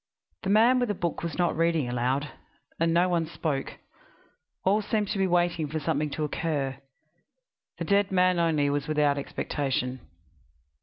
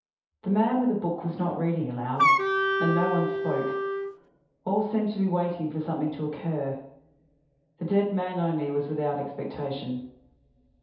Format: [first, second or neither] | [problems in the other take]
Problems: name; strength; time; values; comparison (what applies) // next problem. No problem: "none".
first | background sound (Wind instrument, woodwind instrument); 3 dB above the speech // room echo; dies away in 0.8 s